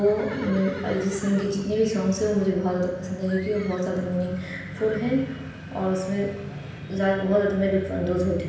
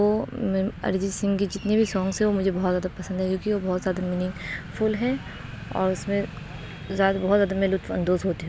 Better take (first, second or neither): second